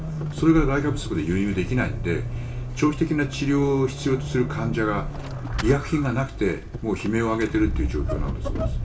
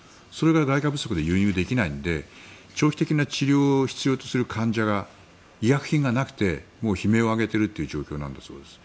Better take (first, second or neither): second